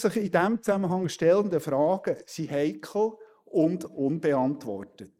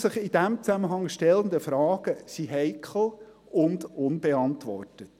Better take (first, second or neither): second